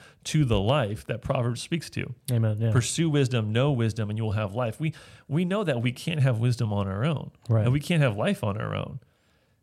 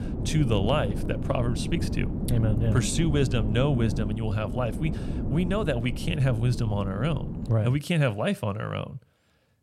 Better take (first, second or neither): first